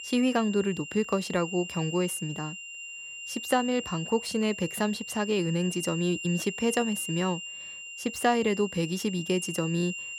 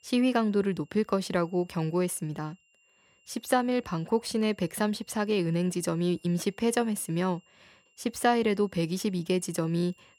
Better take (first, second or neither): second